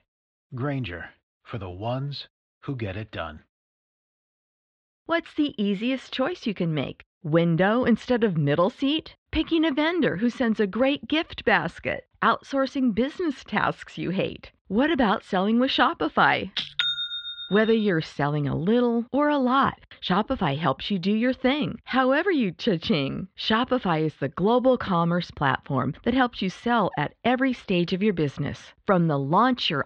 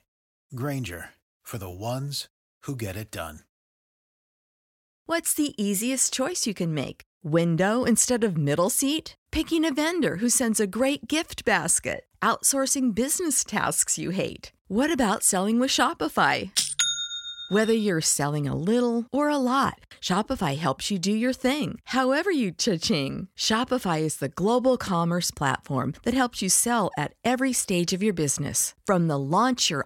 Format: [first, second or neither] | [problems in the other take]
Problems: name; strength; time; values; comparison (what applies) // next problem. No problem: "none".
second | muffled; very; fading above 3.5 kHz